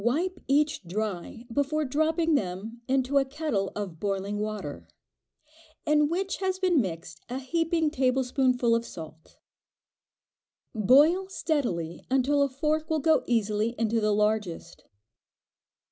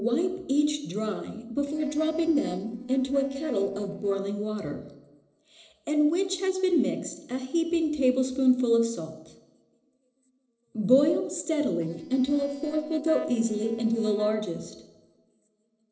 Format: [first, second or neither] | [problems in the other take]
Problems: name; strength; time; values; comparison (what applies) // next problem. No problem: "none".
first | noise reduction (neural separator model SepFormer DNS4)